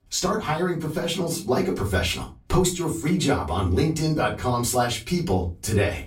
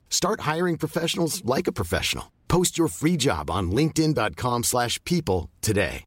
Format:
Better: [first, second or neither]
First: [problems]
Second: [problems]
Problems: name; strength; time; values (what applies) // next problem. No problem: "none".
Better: second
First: off-mic speech; far // room echo; very slight; dies away in 0.3 s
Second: none